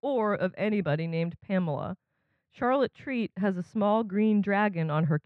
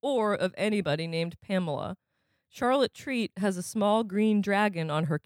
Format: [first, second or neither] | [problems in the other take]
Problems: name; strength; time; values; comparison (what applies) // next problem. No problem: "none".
second | muffled; slightly; fading above 2 kHz